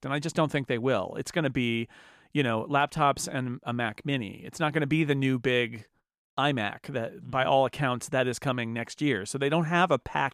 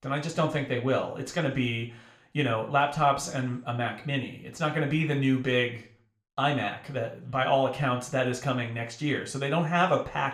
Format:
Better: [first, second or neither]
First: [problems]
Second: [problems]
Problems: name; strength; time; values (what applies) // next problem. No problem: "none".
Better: first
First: none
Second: room echo; slight; dies away in 0.4 s // off-mic speech; somewhat distant